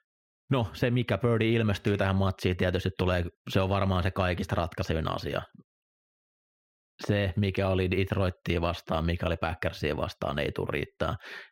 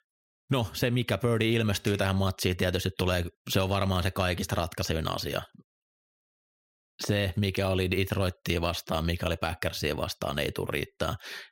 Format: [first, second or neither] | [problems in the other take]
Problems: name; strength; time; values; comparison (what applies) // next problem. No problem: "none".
second | muffled; slightly; fading above 4 kHz